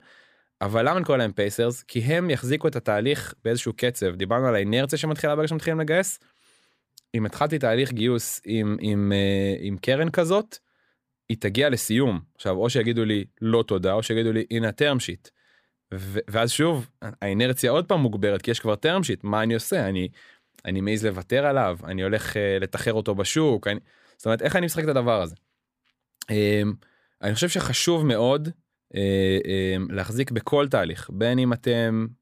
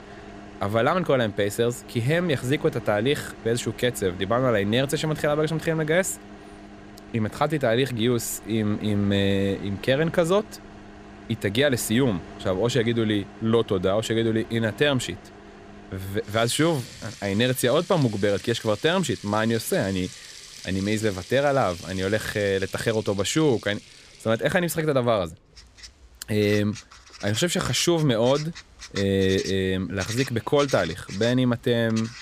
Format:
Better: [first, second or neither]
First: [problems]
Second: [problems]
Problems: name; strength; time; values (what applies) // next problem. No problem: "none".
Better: first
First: none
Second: household noises; noticeable; throughout; 15 dB below the speech